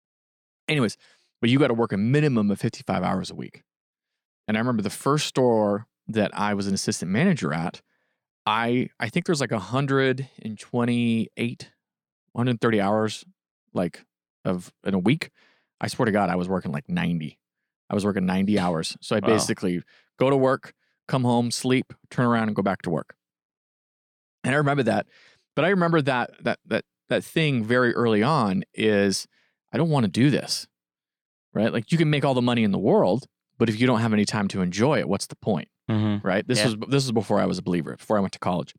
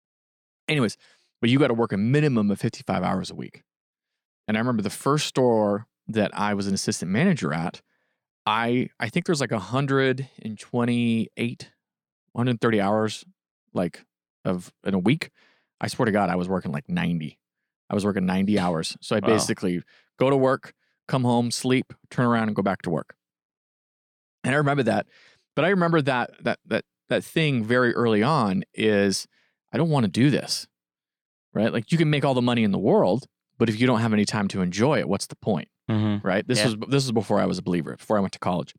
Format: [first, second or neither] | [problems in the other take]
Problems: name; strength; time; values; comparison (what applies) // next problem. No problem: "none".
neither | none